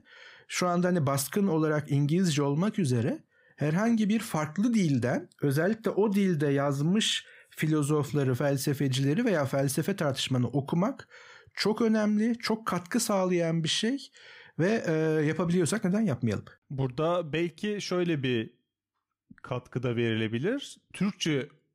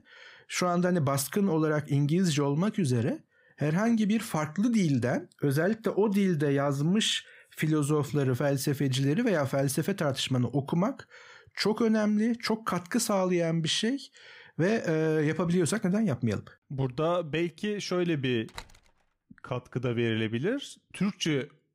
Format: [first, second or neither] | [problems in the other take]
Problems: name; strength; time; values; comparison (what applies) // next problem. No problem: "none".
first | door banging; faint; at 18 s; peak 20 dB below the speech